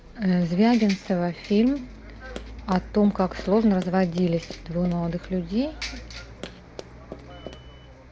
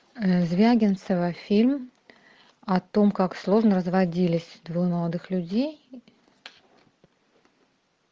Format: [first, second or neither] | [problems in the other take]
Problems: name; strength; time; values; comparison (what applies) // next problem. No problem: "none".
second | background sound (Bus + Run); 15 dB below the speech